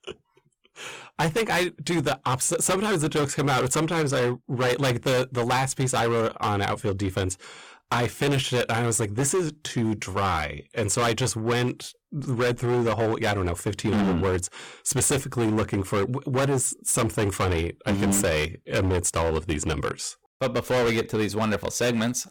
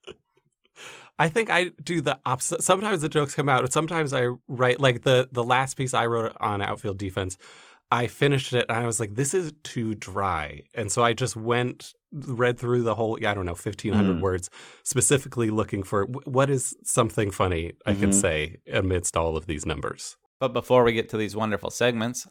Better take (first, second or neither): second